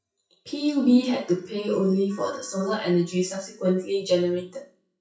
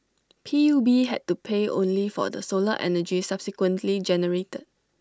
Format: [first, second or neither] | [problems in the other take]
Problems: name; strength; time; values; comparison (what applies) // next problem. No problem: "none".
second | noise reduction (classical method WPE with log-MMSE)